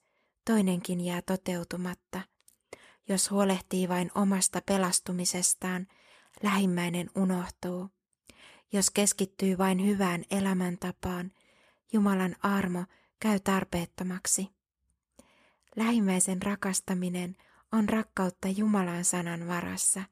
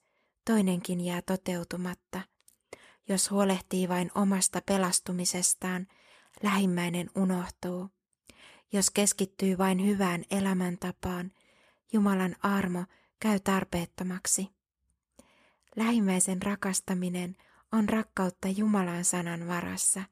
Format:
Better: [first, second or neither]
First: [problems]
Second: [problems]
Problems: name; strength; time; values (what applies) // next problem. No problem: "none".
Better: neither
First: none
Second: none